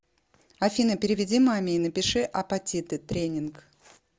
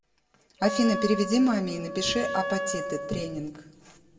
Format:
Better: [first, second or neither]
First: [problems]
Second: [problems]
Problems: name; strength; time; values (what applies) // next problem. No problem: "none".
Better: first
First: none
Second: background sound (Wind instrument, woodwind instrument); 6 dB below the speech // room echo; dies away in 1.2 s